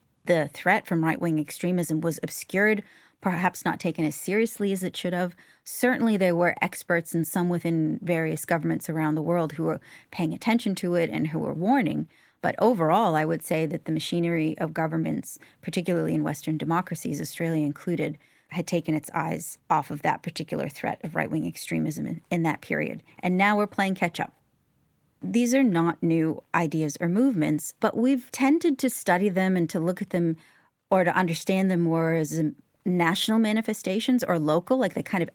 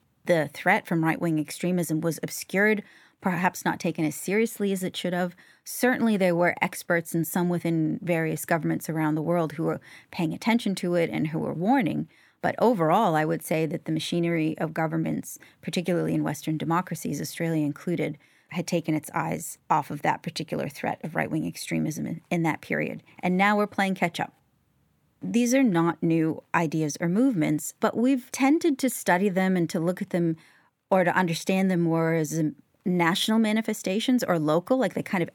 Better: second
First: garbled, watery; slightly; nothing above 18.5 kHz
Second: none

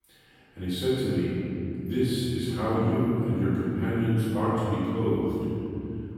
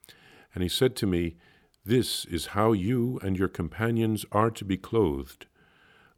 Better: second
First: off-mic speech; far // room echo; strong; dies away in 3 s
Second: none

